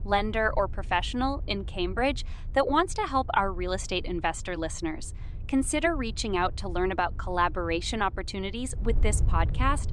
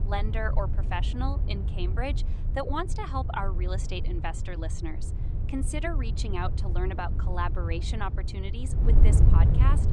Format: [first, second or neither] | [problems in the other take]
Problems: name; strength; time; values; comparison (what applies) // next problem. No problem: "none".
first | wind noise on the microphone; heavy; 9 dB below the speech; occasional gusts in the first